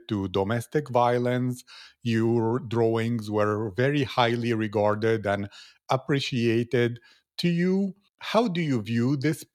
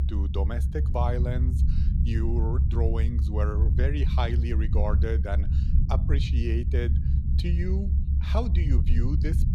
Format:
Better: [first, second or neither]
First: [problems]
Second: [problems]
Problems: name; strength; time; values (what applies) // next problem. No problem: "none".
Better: first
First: none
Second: low rumble; loud; throughout; 6 dB below the speech